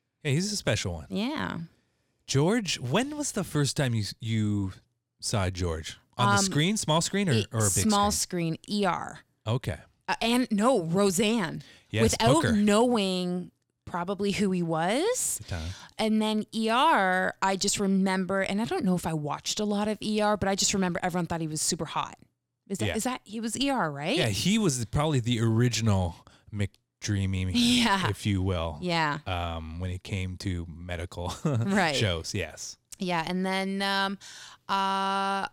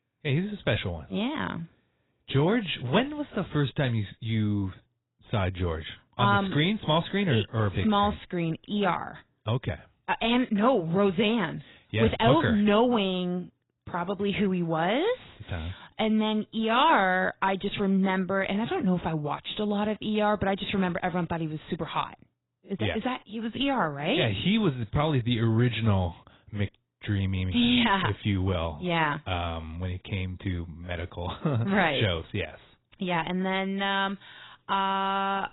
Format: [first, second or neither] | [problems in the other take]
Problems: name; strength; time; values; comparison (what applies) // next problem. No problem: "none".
first | garbled, watery; badly; nothing above 4 kHz